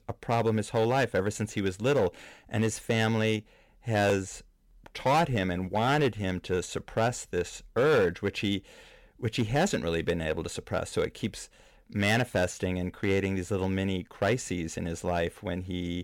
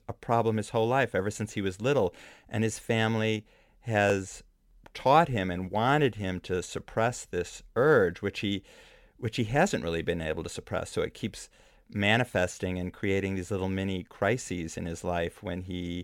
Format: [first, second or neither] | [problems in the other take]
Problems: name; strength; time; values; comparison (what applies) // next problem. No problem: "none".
second | distortion; slight; 4% of the sound clipped